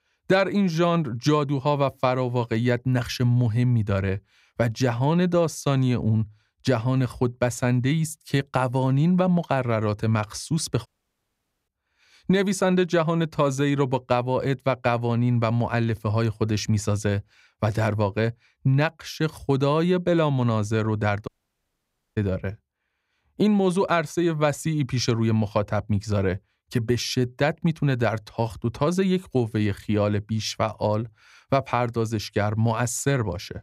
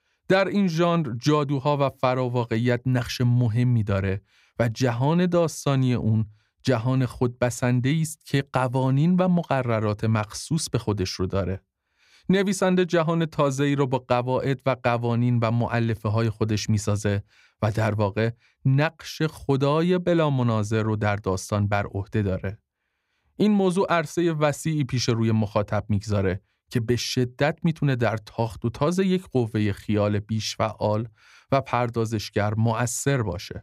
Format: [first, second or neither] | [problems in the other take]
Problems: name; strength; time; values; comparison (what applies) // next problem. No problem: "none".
second | audio cutting out; at 11 s for 1 s and at 21 s for 1 s